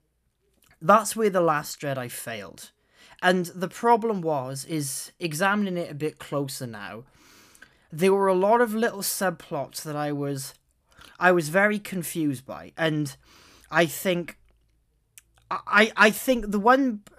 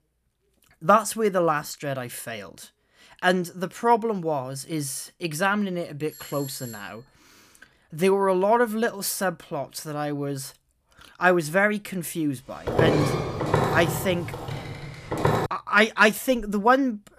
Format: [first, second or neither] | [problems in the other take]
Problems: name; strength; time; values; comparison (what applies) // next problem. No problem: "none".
first | doorbell; faint; at 6 s; peak 15 dB below the speech // footsteps; loud; from 13 to 15 s; peak 3 dB above the speech